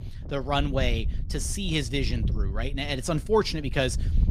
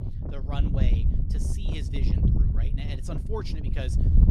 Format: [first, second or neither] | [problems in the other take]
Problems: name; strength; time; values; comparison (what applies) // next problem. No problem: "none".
first | wind noise on the microphone; heavy; as loud as the speech; occasional gusts in the first